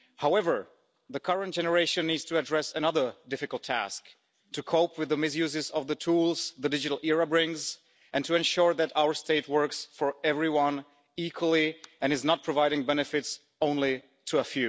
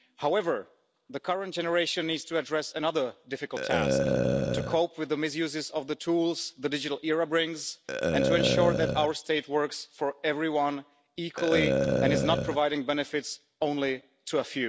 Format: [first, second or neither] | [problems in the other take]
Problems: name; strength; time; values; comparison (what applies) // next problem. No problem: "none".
first | background sound (Burping, eructation); 1 dB below the speech